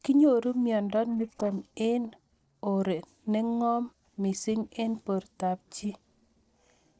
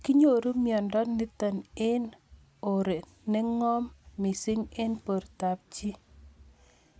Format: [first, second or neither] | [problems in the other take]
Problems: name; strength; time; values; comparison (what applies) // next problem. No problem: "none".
second | noise reduction (neural separator model SepFormer DNS4)